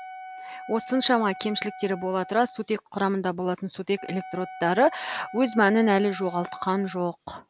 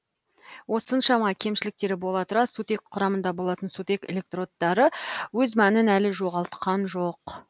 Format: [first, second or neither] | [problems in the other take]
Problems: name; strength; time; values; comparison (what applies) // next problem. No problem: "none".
second | background sound (Wind instrument, woodwind instrument); 16 dB below the speech